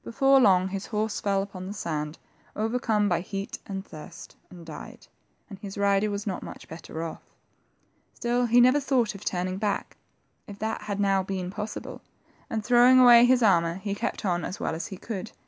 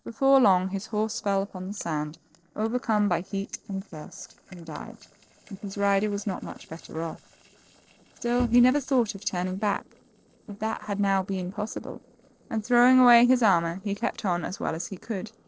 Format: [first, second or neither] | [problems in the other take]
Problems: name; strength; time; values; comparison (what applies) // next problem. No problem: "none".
first | noise reduction (neural separator model SepFormer DNS4)